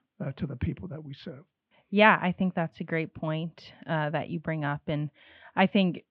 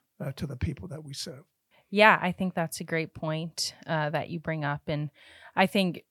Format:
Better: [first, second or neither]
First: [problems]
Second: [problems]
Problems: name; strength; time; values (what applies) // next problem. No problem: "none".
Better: second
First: muffled; very; fading above 3.5 kHz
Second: none